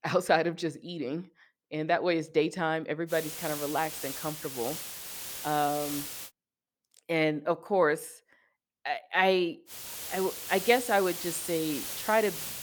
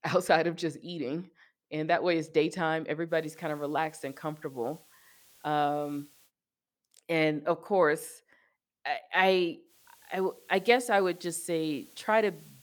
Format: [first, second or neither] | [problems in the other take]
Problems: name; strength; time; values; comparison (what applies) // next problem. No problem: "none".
second | hiss; loud; from 3 to 6.5 s and from 9.5 s on; 7 dB below the speech; faint in the second